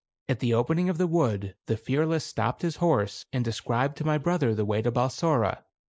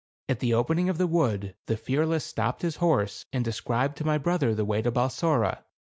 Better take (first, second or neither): second